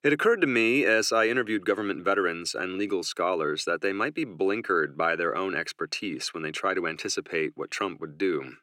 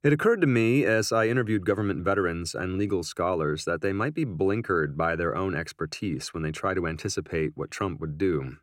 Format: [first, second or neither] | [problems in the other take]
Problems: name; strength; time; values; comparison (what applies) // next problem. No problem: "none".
second | thin; very slightly; fading below 300 Hz